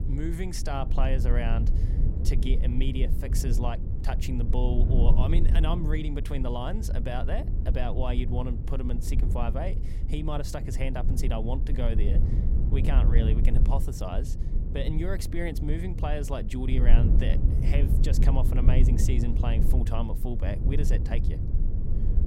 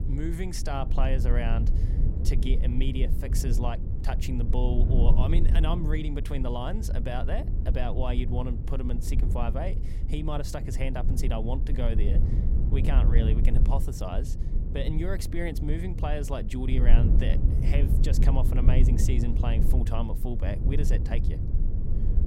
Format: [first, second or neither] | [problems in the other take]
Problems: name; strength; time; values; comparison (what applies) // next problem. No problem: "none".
neither | low rumble; loud; throughout; 6 dB below the speech; the same in both